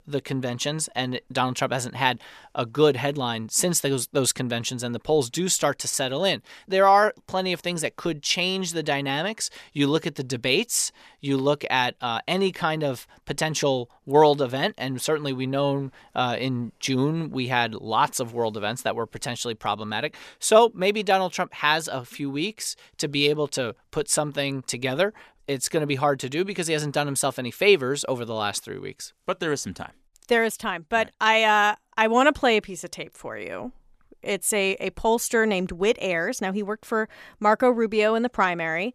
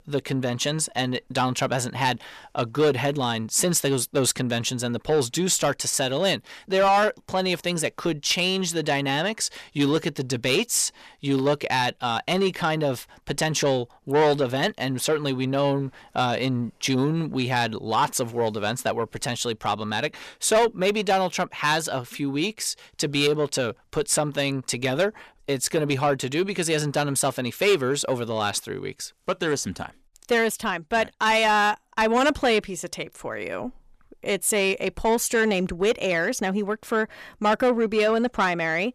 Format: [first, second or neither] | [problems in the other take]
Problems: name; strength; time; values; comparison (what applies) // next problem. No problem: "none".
first | distortion; slight; 10 dB below the speech